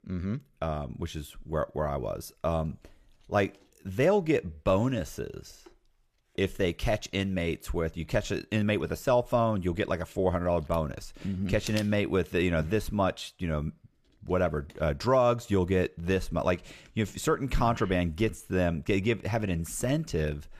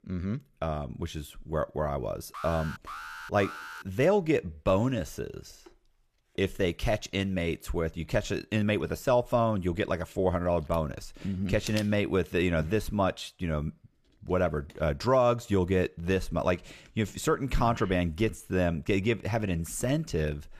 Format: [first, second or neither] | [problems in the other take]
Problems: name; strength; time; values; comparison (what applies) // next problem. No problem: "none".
first | alarm; faint; from 2.5 to 4 s; peak 10 dB below the speech